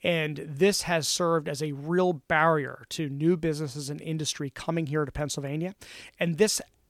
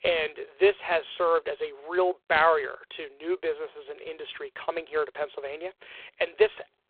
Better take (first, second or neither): first